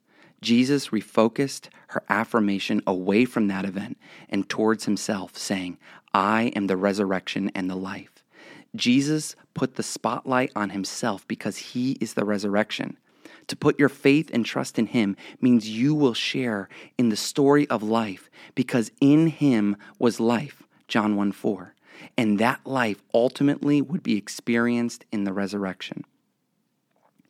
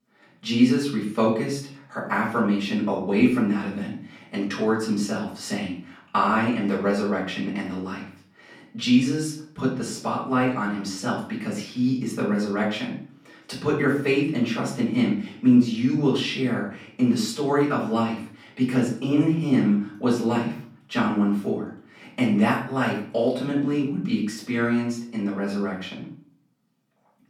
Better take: first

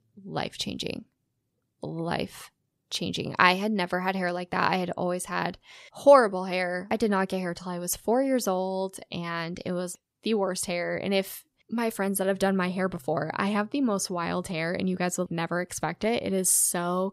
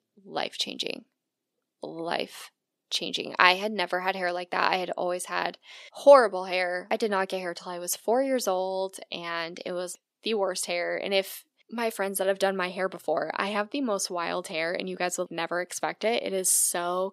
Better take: first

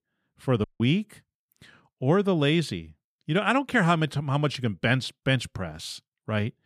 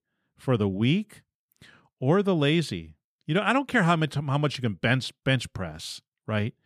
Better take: second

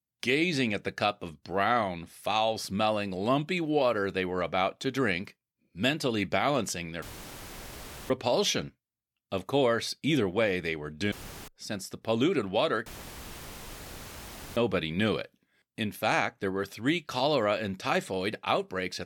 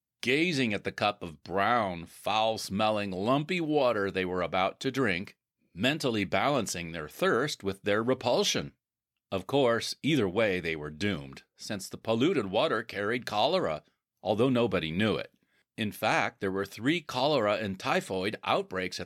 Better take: second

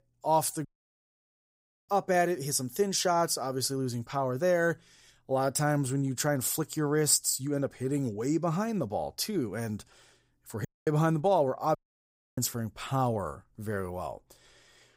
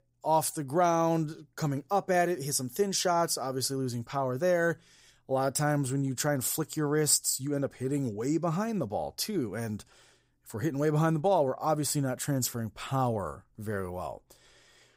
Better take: second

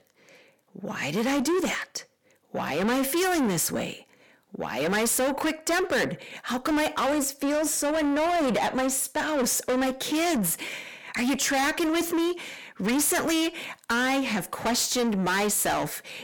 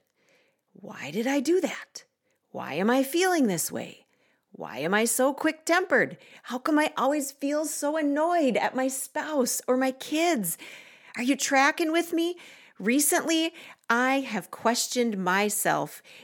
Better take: second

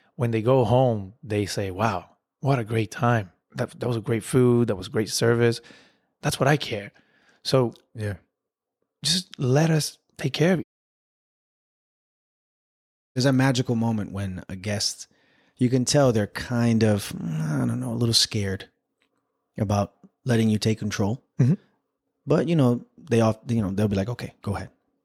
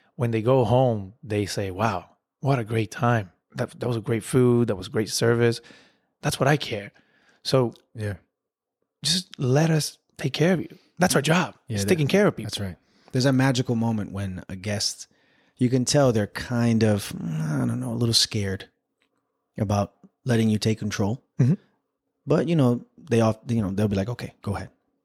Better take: second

